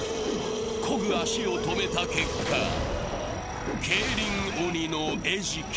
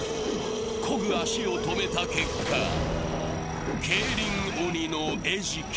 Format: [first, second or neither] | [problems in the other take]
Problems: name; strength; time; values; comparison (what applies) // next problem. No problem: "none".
first | background sound (Bowed string instrument); 12 dB below the speech